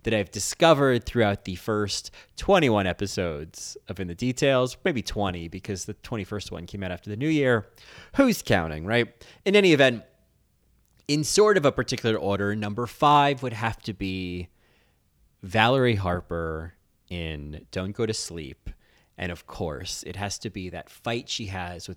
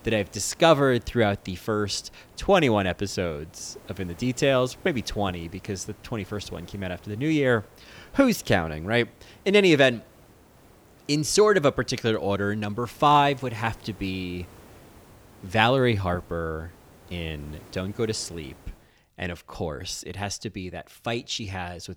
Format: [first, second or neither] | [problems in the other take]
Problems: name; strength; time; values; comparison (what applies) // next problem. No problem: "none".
first | hiss; faint; until 19 s; 25 dB below the speech